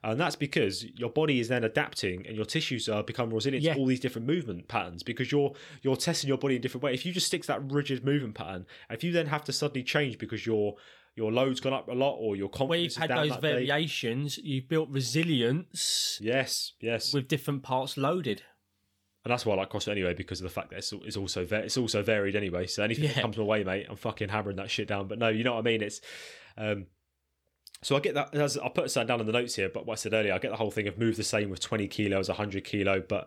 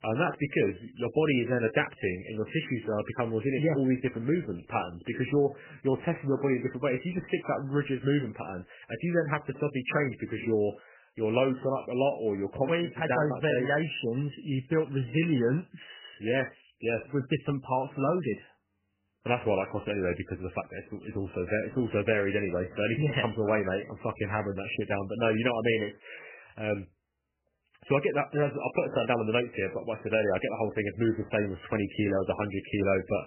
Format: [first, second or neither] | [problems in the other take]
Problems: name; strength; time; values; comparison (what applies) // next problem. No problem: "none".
first | garbled, watery; badly; nothing above 3 kHz